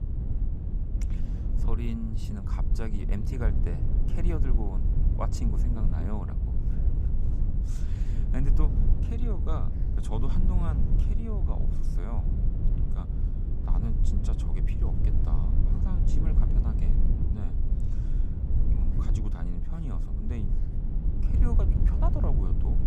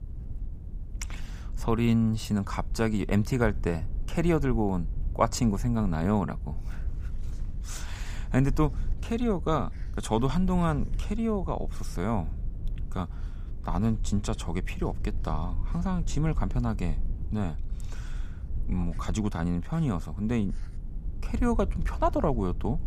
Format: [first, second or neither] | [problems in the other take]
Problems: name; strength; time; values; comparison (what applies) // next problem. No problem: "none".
second | low rumble; loud; throughout; 1 dB below the speech; faint in the second